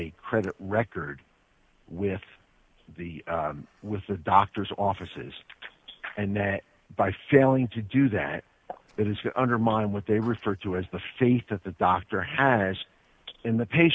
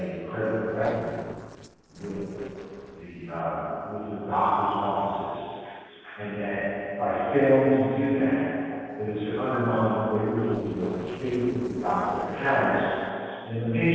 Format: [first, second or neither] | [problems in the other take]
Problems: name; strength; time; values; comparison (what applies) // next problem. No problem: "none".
first | noise reduction (neural separator model SepFormer DNS4)